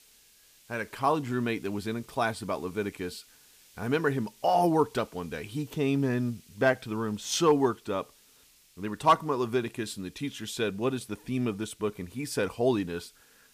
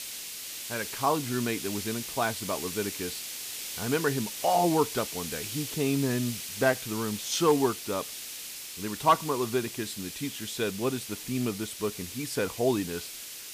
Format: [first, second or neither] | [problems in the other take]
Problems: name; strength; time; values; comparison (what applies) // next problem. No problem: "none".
first | hiss; loud; throughout; 6 dB below the speech; faint in the first